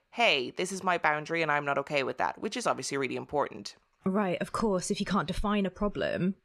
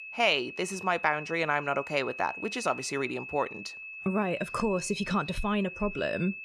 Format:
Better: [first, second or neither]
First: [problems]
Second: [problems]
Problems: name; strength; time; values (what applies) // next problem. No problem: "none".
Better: first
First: none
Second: high-pitched whine; loud; throughout; 2.5 kHz, 10 dB below the speech